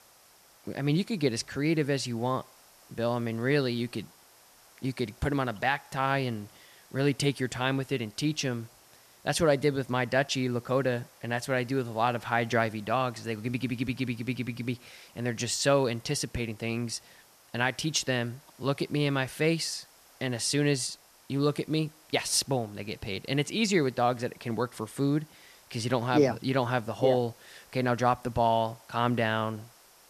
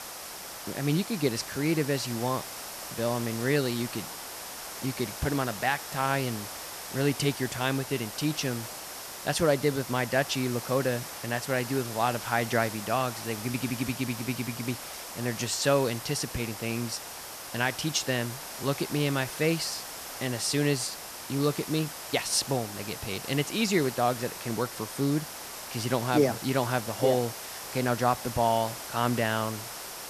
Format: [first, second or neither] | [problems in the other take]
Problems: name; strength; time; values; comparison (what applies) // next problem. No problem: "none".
first | hiss; loud; throughout; 8 dB below the speech; faint in the first